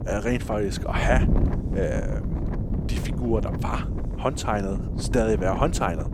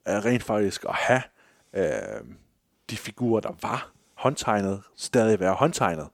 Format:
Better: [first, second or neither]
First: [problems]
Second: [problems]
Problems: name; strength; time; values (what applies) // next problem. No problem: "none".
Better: second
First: wind noise on the microphone; heavy; 10 dB below the speech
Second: none